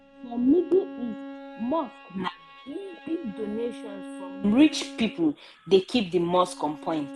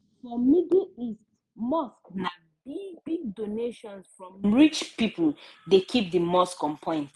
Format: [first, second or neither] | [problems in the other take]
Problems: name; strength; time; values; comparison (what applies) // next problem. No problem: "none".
second | background sound (Bowed string instrument); 16 dB below the speech